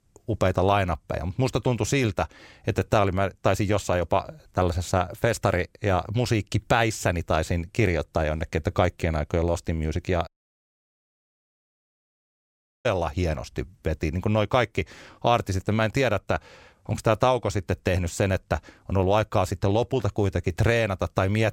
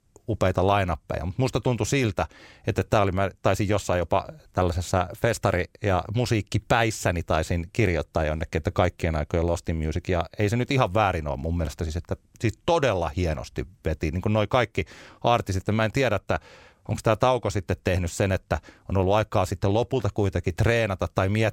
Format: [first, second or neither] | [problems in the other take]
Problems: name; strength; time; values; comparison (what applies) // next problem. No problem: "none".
second | audio cutting out; at 10 s for 2.5 s